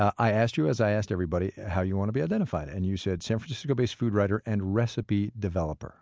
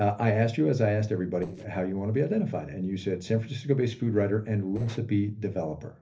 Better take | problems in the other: first | noise reduction (neural separator model SepFormer DNS4)

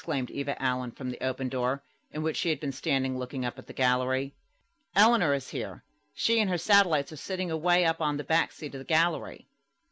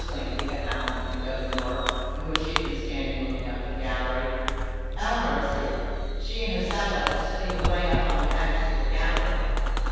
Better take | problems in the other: first | background sound (Fireworks); 3 dB above the speech // room echo; dies away in 2.2 s

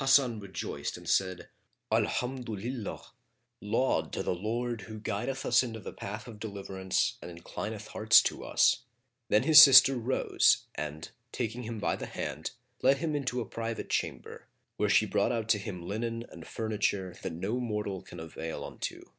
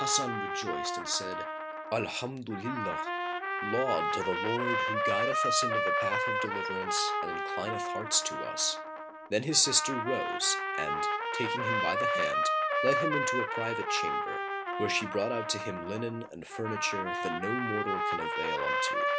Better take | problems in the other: first | background sound (Trumpet); 2 dB above the speech

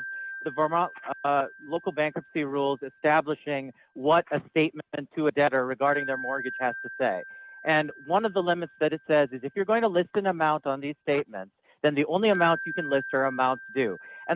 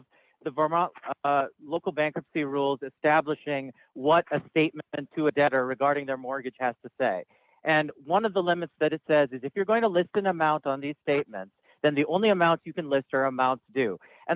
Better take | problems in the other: second | background sound (Wind chime); 14 dB below the speech

